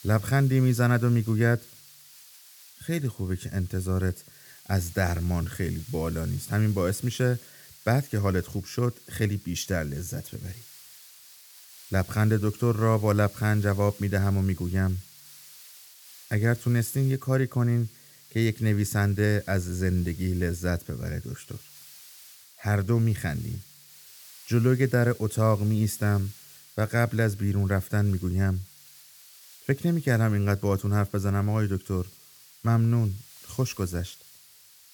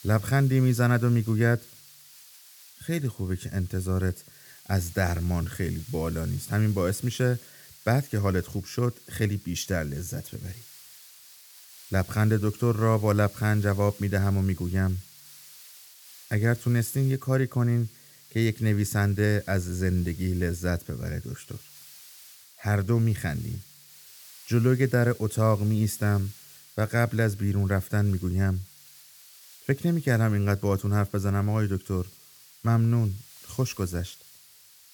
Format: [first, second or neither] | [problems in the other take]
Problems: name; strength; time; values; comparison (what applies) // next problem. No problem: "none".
neither | hiss; faint; throughout; 20 dB below the speech; the same in both